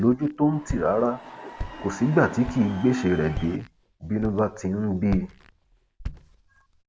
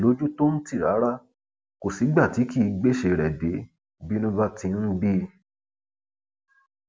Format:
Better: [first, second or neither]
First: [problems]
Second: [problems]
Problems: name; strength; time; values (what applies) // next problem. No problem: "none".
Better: second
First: background sound (Crowd / Cheering + Walk, footsteps); 12 dB below the speech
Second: none